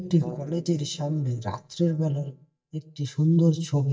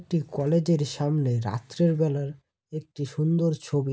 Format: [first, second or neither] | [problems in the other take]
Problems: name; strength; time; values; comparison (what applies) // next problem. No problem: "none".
second | noise reduction (neural mask model DeepFilterNet 3)